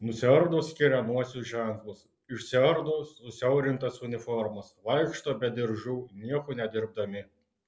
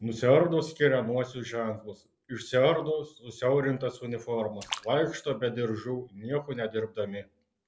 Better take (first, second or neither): first